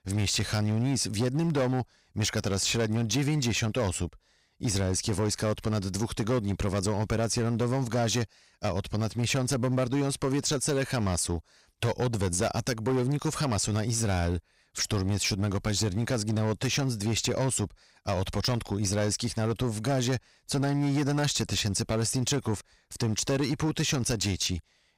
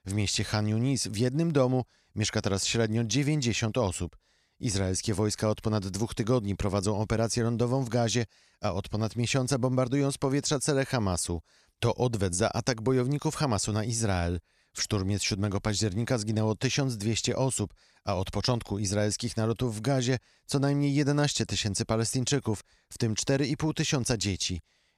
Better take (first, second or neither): second